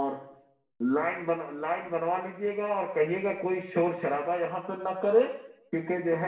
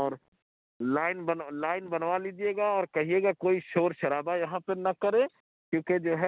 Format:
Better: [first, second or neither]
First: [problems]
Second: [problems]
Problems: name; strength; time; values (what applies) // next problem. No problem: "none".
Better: second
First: room echo; dies away in 0.7 s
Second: none